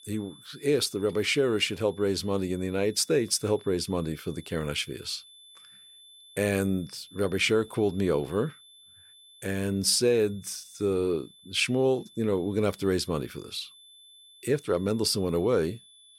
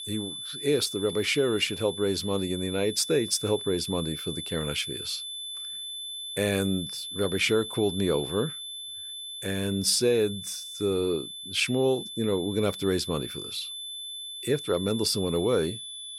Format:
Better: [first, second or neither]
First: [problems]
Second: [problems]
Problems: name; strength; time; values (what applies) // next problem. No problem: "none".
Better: first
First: high-pitched whine; faint; throughout; 3.5 kHz, 25 dB below the speech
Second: high-pitched whine; loud; throughout; 3.5 kHz, 8 dB below the speech